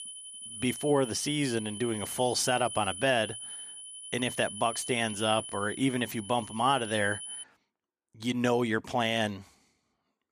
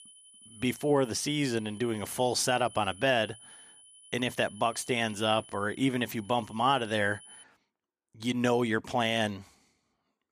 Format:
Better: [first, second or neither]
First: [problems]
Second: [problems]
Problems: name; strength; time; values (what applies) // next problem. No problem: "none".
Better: second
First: high-pitched whine; loud; until 7.5 s; 10 kHz, 10 dB below the speech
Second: high-pitched whine; faint; until 7.5 s; 10 kHz, 20 dB below the speech